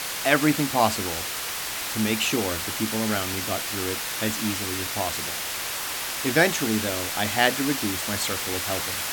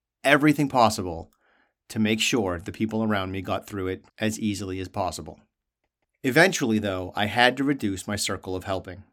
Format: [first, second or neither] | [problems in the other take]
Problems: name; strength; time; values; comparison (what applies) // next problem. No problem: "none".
second | hiss; loud; throughout; 1 dB below the speech